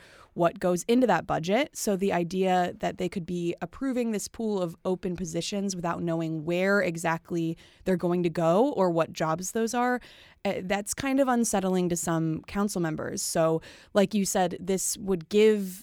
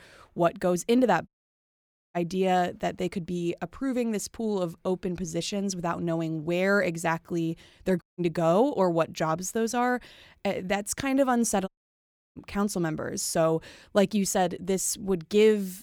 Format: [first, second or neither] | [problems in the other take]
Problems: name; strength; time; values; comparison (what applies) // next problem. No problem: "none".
first | audio cutting out; at 1.5 s for 1 s, at 8 s and at 12 s for 0.5 s